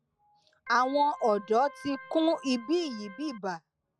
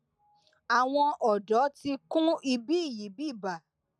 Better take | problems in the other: second | background sound (Organ); 18 dB below the speech

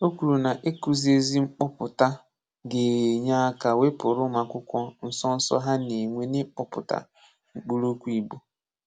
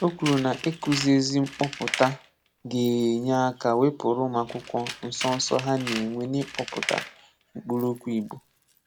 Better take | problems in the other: first | background sound (Tools); 12 dB below the speech

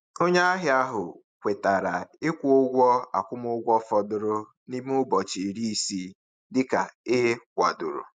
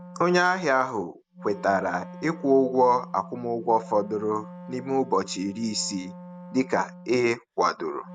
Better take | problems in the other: first | background sound (Wind instrument, woodwind instrument); 17 dB below the speech

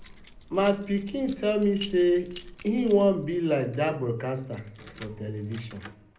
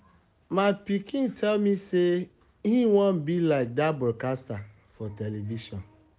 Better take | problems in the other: second | background sound (Keys jangling); 19 dB below the speech // room echo; dies away in 0.5 s

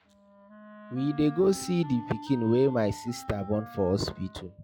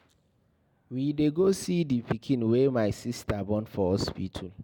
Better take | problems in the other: second | noise reduction (classical method log-MMSE)

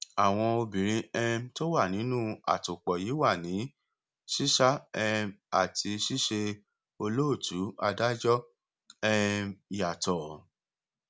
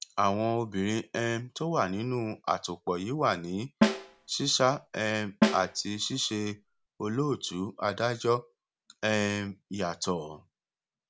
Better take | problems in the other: first | background sound (Snare drum); 1 dB below the speech

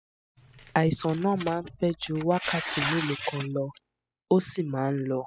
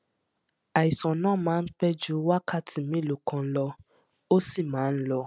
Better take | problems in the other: second | noise reduction (classical method spectral subtraction)

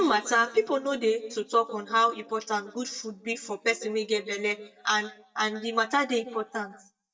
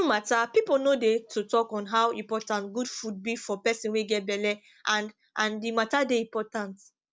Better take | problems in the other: second | noise reduction (neural mask model DeepFilterNet 3)

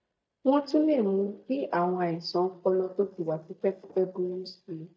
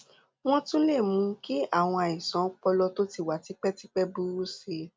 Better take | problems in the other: second | noise reduction (neural mask model DeepFilterNet 3)

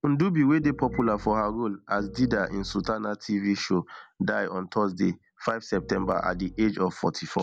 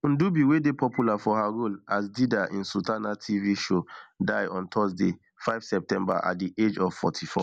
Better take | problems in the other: second | background sound (Piano); 13 dB below the speech

